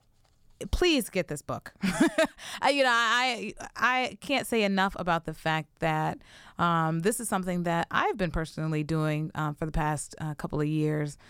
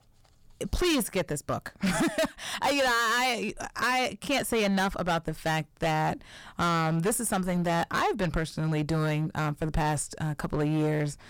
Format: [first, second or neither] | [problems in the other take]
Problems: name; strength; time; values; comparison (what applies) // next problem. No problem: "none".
first | distortion; heavy; 15% of the sound clipped